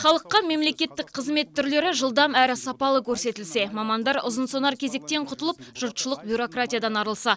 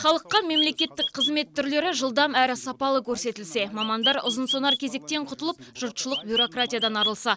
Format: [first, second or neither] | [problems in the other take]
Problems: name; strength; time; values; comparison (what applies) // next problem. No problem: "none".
first | background sound (Chirp, tweet); 2 dB below the speech